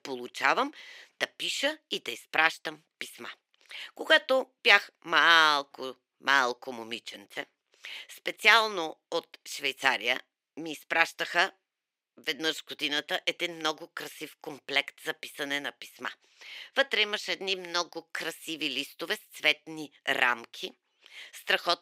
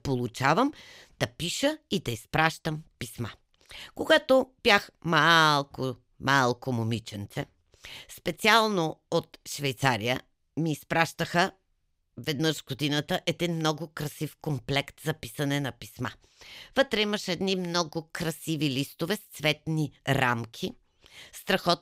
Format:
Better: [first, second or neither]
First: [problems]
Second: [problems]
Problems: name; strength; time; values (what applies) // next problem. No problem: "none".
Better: second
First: thin; somewhat; fading below 300 Hz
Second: none